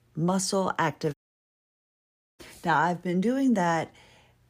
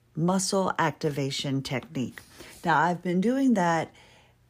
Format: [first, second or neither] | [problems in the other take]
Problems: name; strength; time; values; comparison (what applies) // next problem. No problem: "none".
second | audio cutting out; at 1 s for 1 s